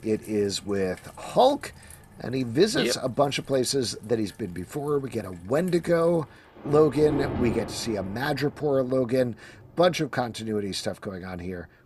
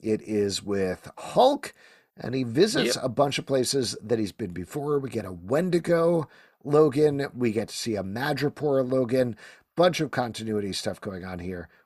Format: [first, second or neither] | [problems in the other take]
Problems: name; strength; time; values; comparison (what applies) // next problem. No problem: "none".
second | rain or running water; noticeable; throughout; 15 dB below the speech